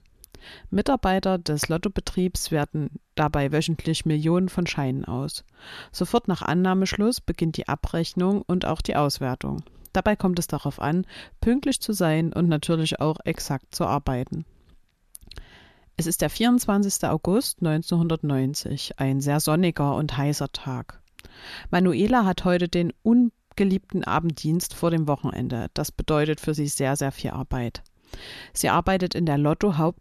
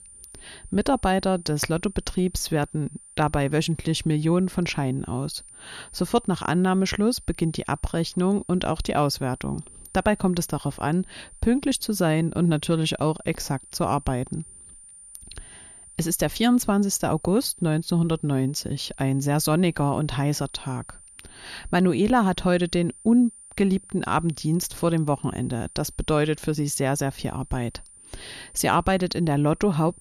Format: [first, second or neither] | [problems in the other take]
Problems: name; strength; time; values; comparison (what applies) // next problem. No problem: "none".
first | high-pitched whine; faint; throughout; 9 kHz, 20 dB below the speech